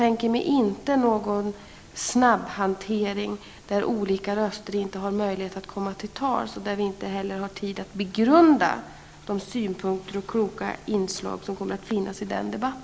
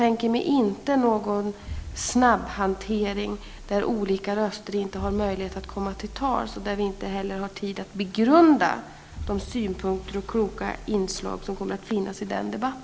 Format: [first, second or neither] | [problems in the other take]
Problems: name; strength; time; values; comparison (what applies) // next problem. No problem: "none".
first | background sound (Explosion); 15 dB below the speech